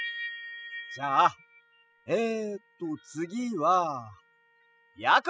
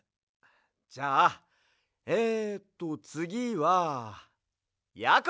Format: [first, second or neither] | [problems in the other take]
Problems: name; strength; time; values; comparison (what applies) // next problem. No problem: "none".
second | noise reduction (classical method spectral subtraction)